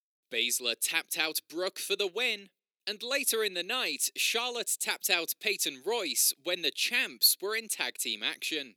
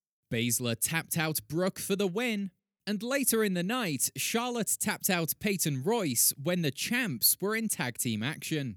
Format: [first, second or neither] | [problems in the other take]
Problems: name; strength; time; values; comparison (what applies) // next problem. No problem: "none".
second | thin; very; fading below 350 Hz